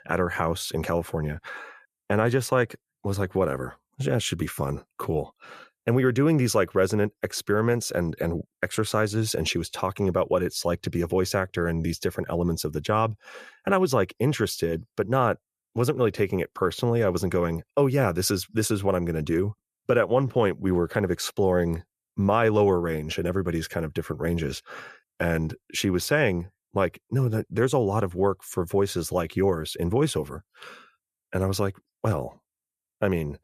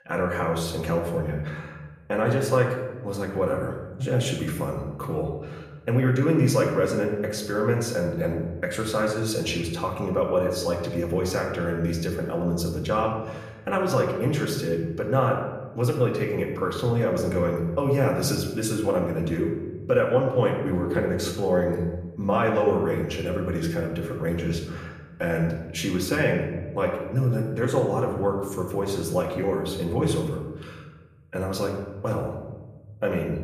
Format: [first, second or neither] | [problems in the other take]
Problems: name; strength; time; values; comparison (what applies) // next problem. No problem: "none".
first | room echo; noticeable; dies away in 1 s // off-mic speech; far